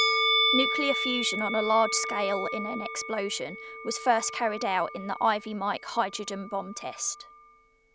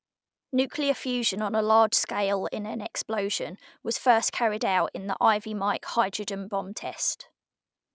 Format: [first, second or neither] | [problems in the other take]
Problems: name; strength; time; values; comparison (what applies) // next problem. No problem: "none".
second | background sound (Musical instrument); 2 dB below the speech